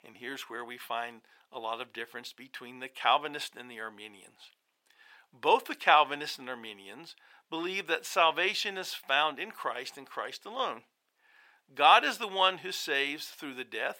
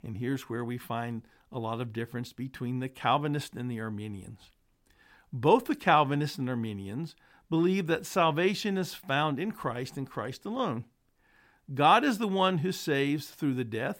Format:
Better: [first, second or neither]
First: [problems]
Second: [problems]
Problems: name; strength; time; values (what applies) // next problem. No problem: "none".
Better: second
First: thin; very; fading below 650 Hz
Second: none